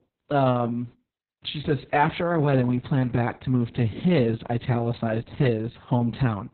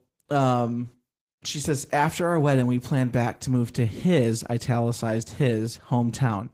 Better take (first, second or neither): second